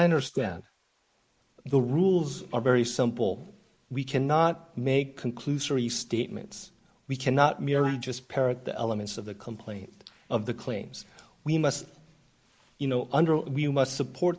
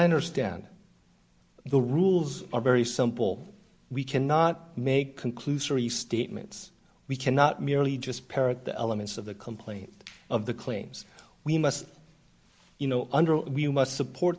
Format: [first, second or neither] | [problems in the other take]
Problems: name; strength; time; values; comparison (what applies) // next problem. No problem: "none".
second | noise reduction (neural mask model Resemble Enhance denoiser)